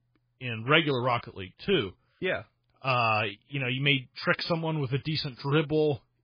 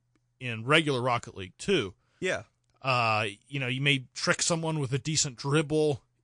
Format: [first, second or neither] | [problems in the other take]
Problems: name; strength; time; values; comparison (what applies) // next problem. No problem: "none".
second | garbled, watery; badly; nothing above 5 kHz; slightly in the second